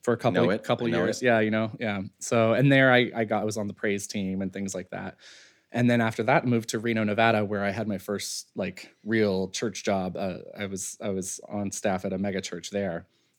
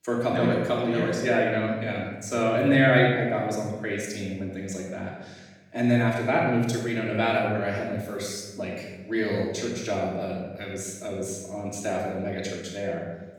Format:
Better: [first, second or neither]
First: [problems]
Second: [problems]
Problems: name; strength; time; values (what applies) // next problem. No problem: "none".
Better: first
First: none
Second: off-mic speech; far // room echo; noticeable; dies away in 1 s